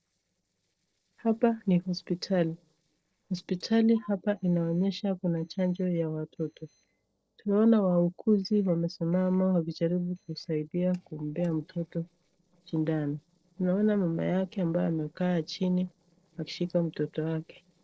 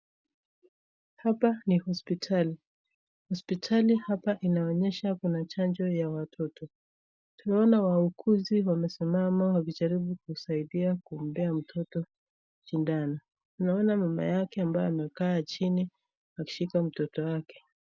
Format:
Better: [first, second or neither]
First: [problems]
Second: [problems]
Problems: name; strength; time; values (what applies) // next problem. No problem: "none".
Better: second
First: noise reduction (neural separator model SepFormer DNS4)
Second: none